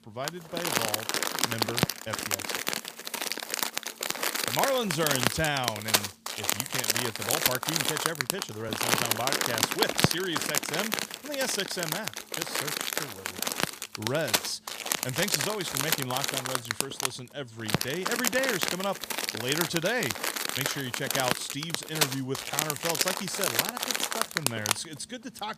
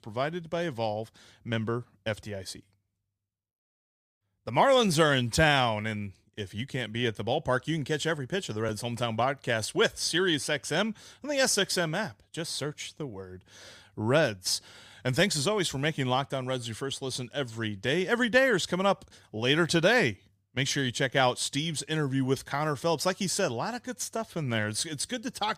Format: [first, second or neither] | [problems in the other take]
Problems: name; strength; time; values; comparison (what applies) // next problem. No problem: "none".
second | household noises; very loud; throughout; 4 dB above the speech